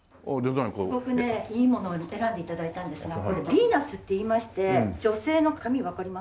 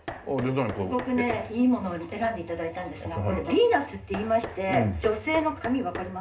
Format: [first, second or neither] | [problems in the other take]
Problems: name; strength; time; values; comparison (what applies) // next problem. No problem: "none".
first | background sound (Knock); 14 dB below the speech // room echo; dies away in 0.2 s